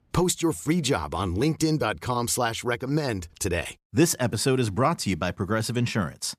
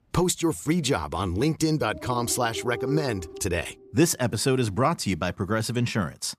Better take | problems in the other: first | animal sounds; noticeable; throughout; 10 dB below the speech

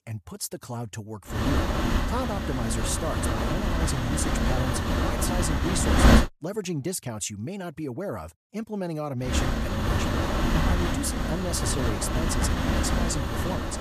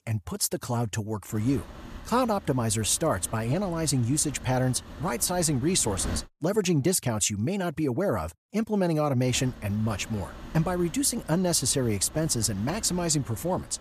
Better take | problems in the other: second | wind noise on the microphone; heavy; from 1.5 to 6 s and from 9.5 s on; 5 dB above the speech; occasional gusts in the second

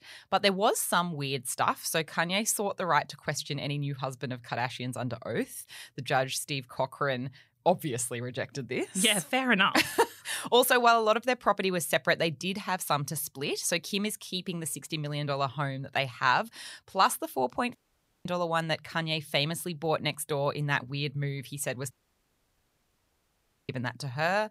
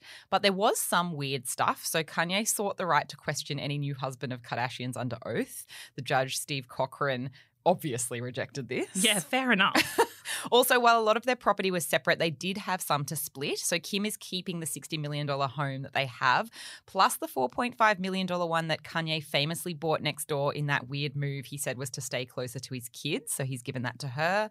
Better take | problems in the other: second | audio cutting out; at 18 s for 0.5 s and at 22 s for 2 s

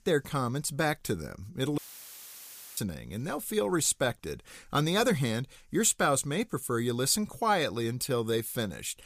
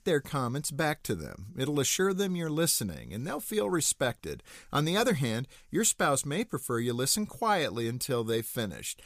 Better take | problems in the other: second | audio cutting out; filled with static; at 2 s for 1 s

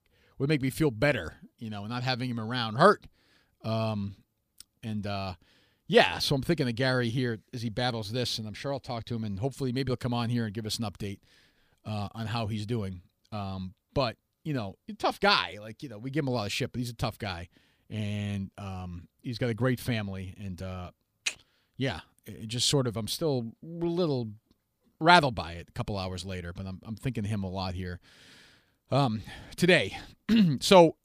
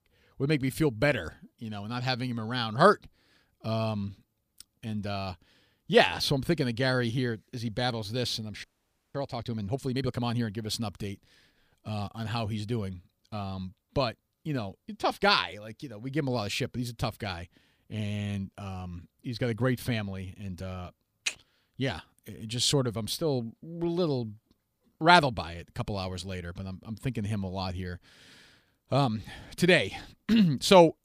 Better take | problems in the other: first | audio freezing; at 8.5 s for 0.5 s

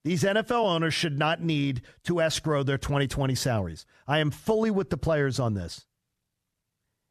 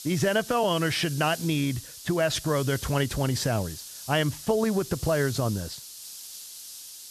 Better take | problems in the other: first | hiss; noticeable; throughout; 10 dB below the speech

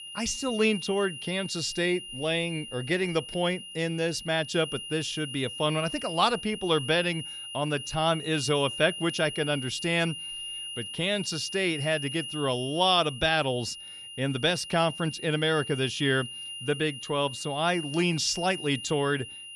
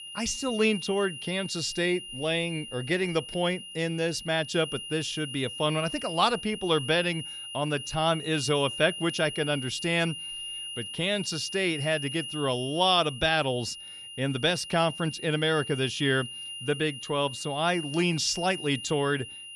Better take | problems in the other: neither | high-pitched whine; loud; throughout; 3 kHz, 9 dB below the speech; the same in both

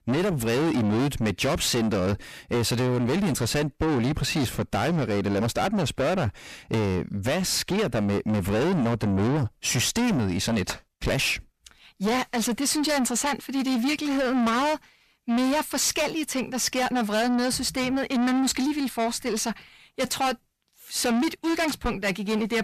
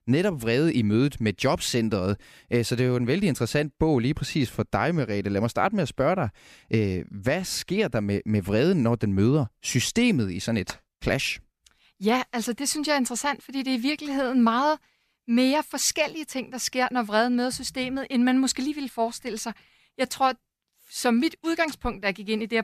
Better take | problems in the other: second | distortion; heavy; 6 dB below the speech

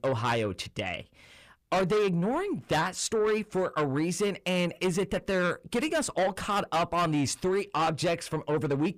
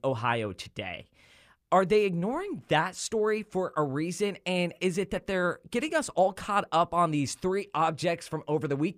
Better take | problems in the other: second | distortion; heavy; 8 dB below the speech

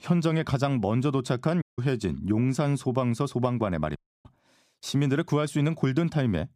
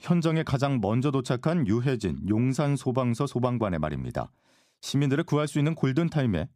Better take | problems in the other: second | audio cutting out; at 1.5 s and at 4 s

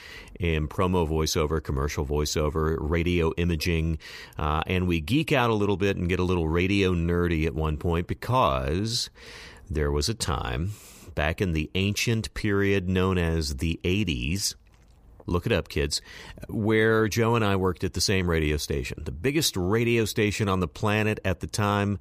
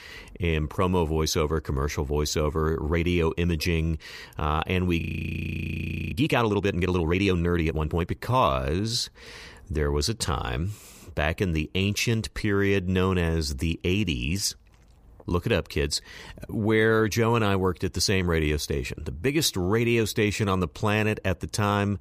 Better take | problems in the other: first | audio freezing; at 5 s for 1 s

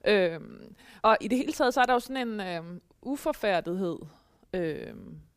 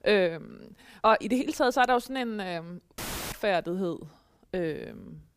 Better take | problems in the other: first | audio cutting out; filled with static; at 3 s

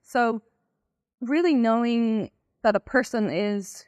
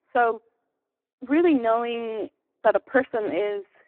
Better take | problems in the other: first | phone-call audio; poor line

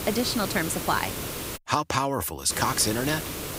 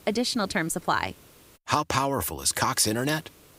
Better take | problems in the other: second | hiss; loud; until 1.5 s and from 2.5 s on; 6 dB below the speech; faint in the second

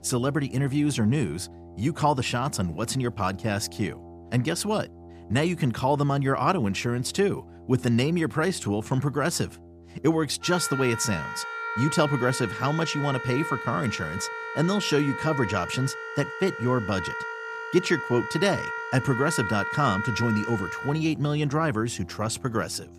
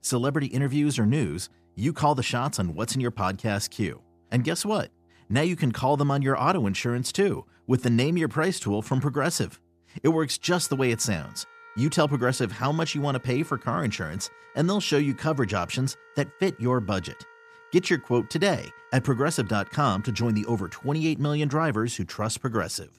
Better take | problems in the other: second | background music; loud; throughout; 7 dB below the speech; faint in the second

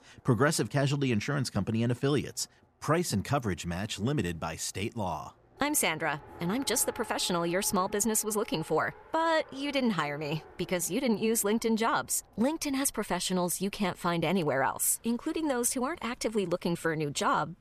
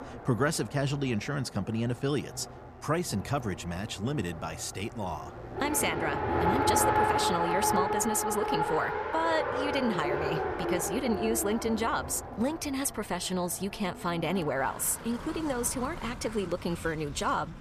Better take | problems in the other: first | traffic noise; loud; throughout; 1 dB below the speech; faint in the first

